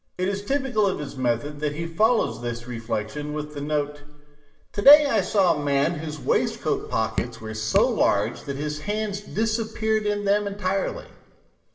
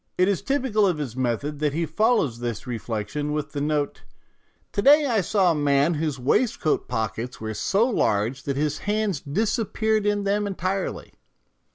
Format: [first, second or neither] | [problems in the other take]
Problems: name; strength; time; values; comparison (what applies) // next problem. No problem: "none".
second | background sound (Drip); 9 dB below the speech // room echo; dies away in 1 s